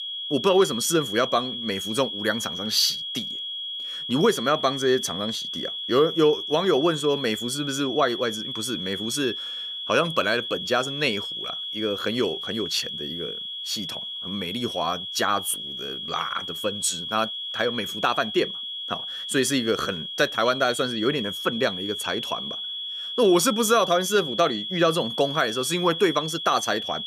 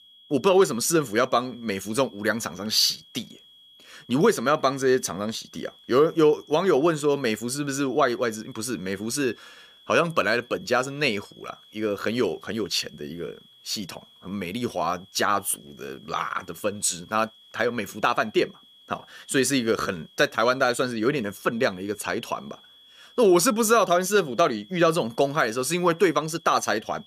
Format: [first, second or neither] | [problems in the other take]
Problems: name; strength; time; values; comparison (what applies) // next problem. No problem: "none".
second | high-pitched whine; loud; throughout; 3.5 kHz, 5 dB below the speech; faint in the second